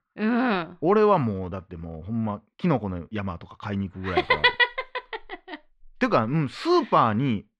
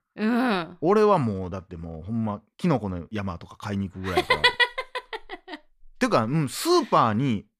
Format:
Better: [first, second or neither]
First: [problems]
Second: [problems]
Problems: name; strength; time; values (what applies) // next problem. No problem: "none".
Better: second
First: muffled; very slightly; fading above 3 kHz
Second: none